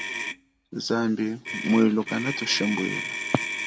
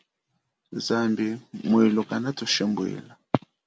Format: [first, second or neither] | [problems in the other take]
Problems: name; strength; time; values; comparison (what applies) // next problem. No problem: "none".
second | background sound (Motor vehicle (road)); 7 dB below the speech